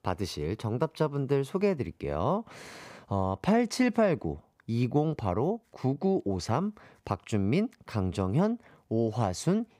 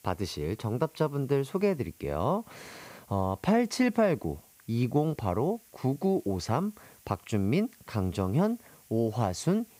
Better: first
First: none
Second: hiss; faint; throughout; 25 dB below the speech

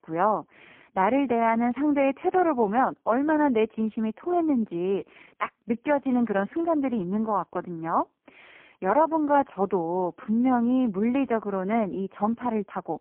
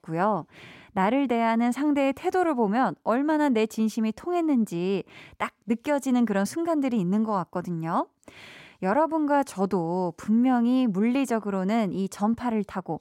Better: second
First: phone-call audio; poor line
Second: none

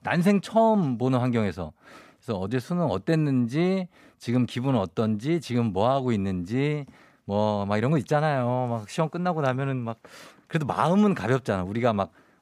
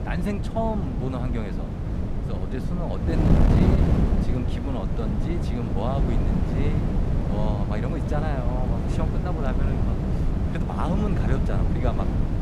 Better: first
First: none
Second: wind noise on the microphone; heavy; as loud as the speech

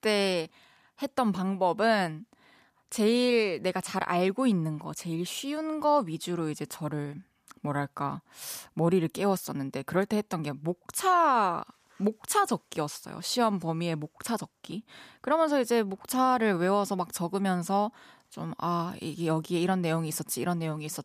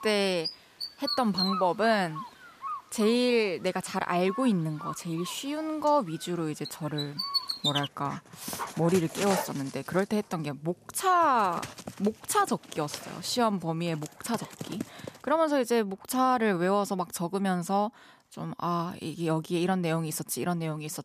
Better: first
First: none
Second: animal sounds; loud; until 15 s; 7 dB below the speech

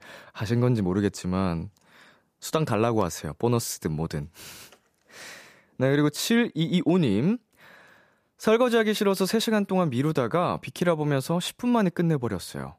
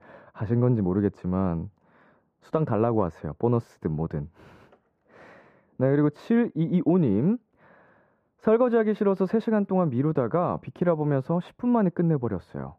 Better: first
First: none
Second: muffled; very; fading above 3 kHz

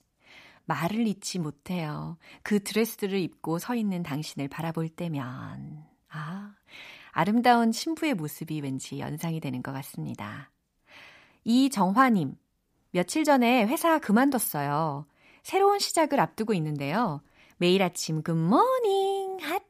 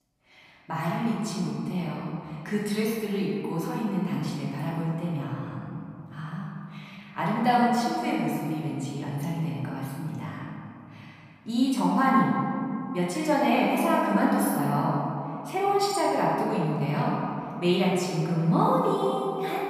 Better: first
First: none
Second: room echo; strong; dies away in 2.6 s // off-mic speech; far

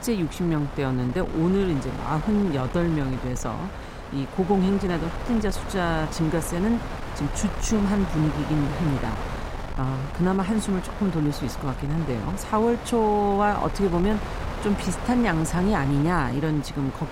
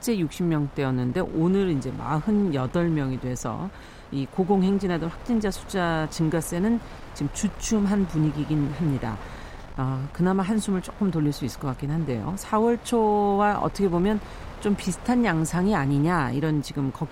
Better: second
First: wind noise on the microphone; heavy; 7 dB below the speech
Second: wind noise on the microphone; occasional gusts; 15 dB below the speech

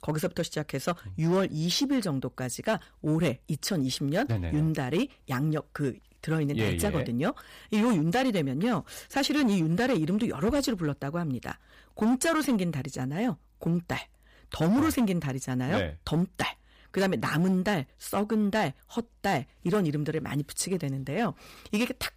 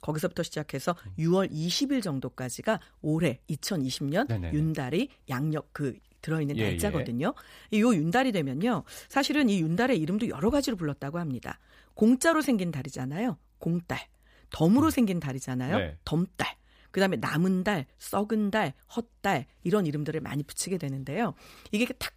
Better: second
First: distortion; slight; 7% of the sound clipped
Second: none

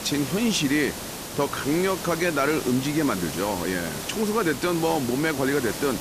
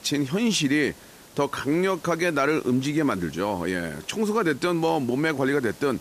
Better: second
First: hiss; loud; throughout; 8 dB below the speech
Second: hiss; faint; throughout; 20 dB below the speech

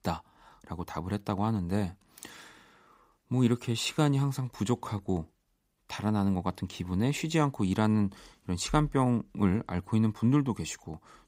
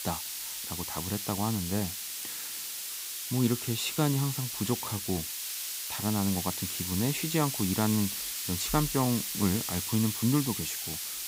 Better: first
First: none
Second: hiss; loud; throughout; 2 dB below the speech

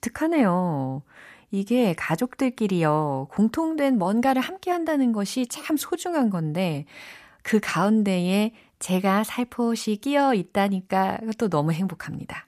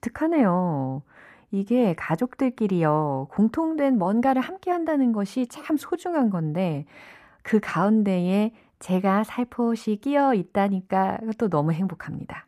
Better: first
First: none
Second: muffled; slightly; fading above 2.5 kHz

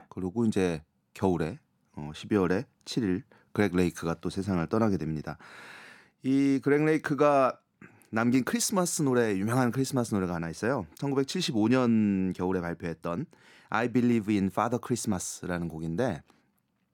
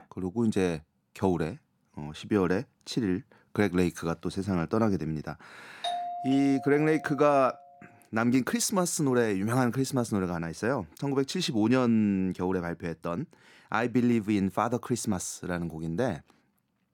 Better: first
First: none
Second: doorbell; noticeable; from 6 to 7.5 s; peak 5 dB below the speech

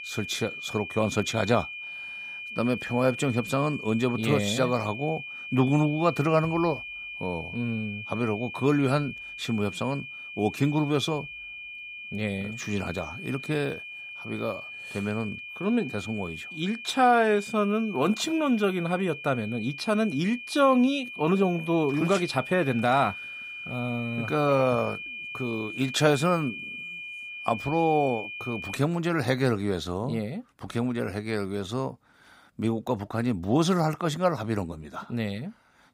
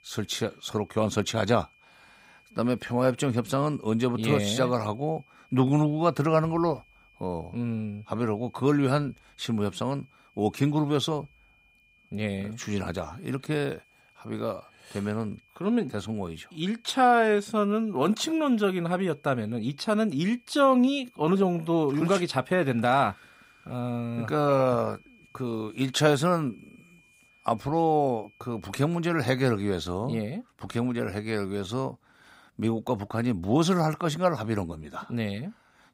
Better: second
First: high-pitched whine; loud; until 29 s; 2.5 kHz, 9 dB below the speech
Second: high-pitched whine; faint; until 29 s; 2.5 kHz, 30 dB below the speech

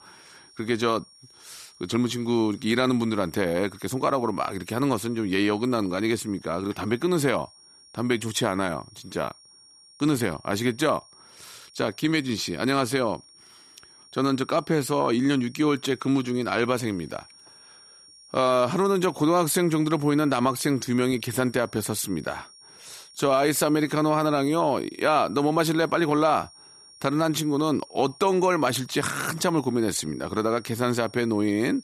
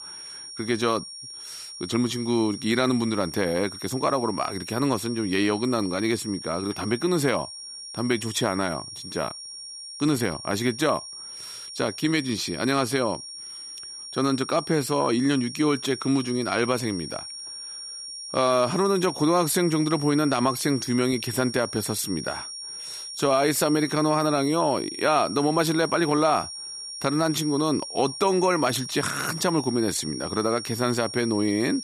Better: first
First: high-pitched whine; faint; throughout; 5.5 kHz, 25 dB below the speech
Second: high-pitched whine; loud; throughout; 5.5 kHz, 10 dB below the speech

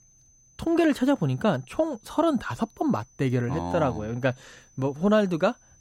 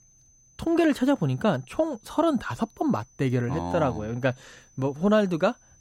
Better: neither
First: high-pitched whine; faint; throughout; 6 kHz, 30 dB below the speech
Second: high-pitched whine; faint; throughout; 6 kHz, 30 dB below the speech

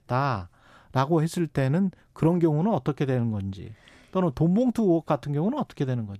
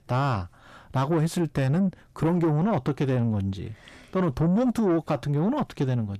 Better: first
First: none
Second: distortion; slight; 10 dB below the speech

